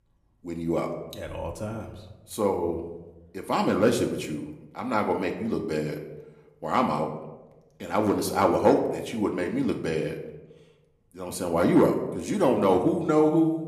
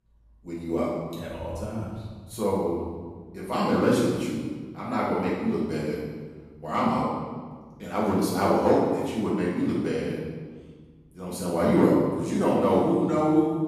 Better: first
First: room echo; slight; dies away in 0.7 s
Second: room echo; strong; dies away in 1.5 s // off-mic speech; far

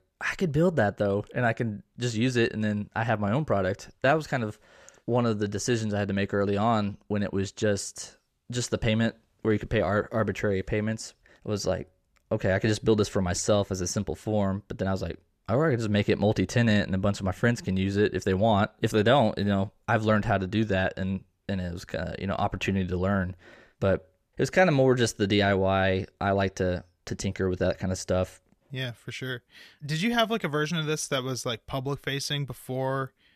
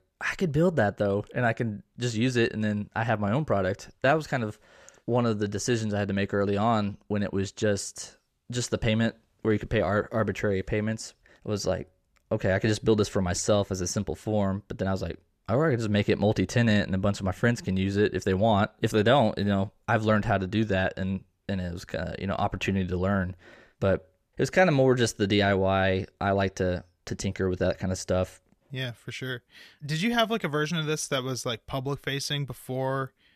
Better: neither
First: none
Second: none

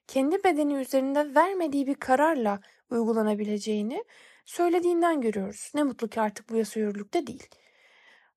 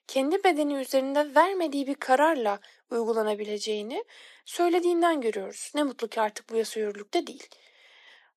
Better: first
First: none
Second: thin; very slightly; fading below 300 Hz

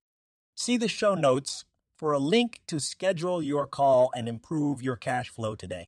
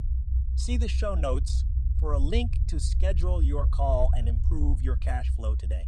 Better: first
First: none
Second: low rumble; noticeable; throughout; 10 dB below the speech

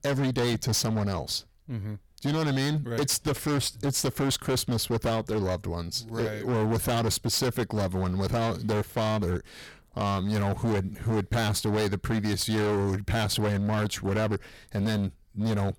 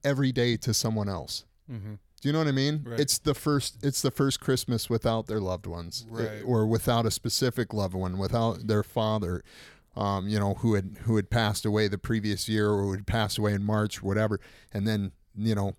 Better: second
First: distortion; heavy; 21% of the sound clipped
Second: none

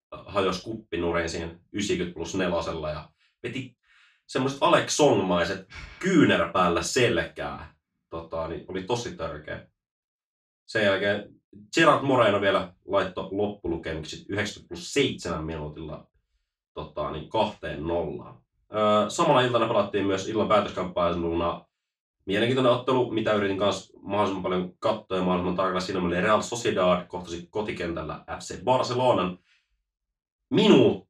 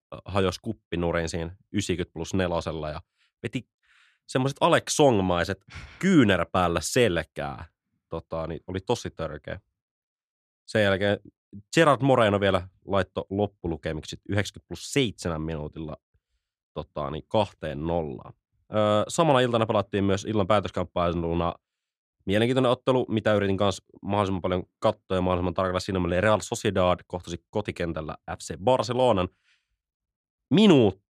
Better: second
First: room echo; slight; dies away in 0.3 s // off-mic speech; far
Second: none

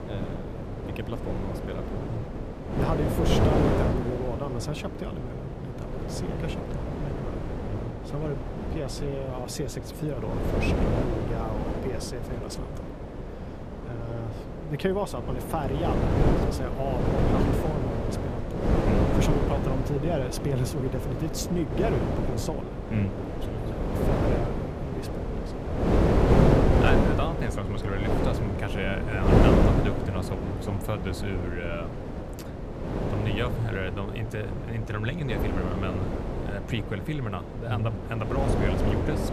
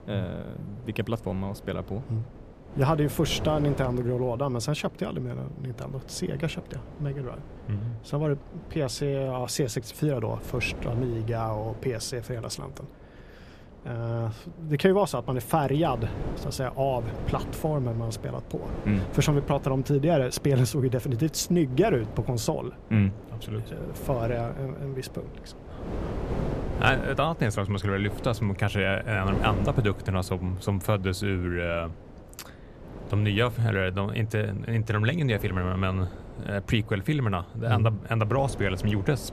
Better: second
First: wind noise on the microphone; heavy; 2 dB above the speech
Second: wind noise on the microphone; occasional gusts; 15 dB below the speech

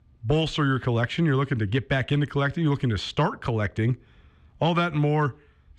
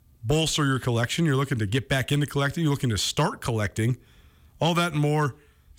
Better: second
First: muffled; slightly; fading above 3 kHz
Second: none

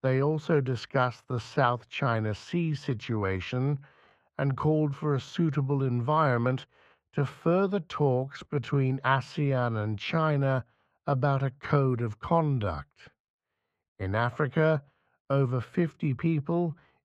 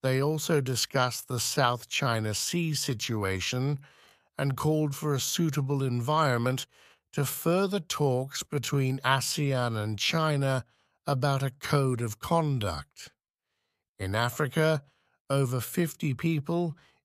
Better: second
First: muffled; very; fading above 2 kHz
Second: none

